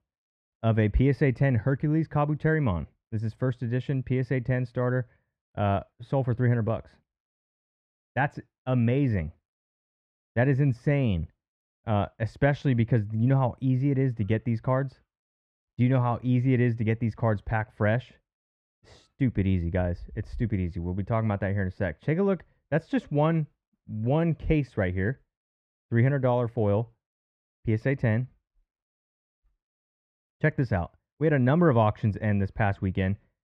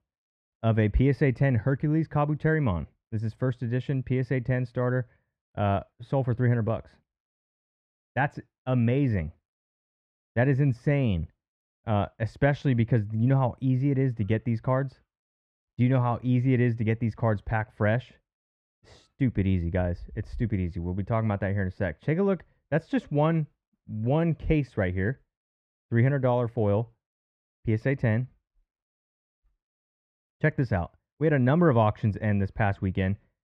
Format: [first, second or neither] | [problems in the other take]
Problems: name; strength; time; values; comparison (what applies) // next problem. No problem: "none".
neither | muffled; very; fading above 4 kHz; the same in both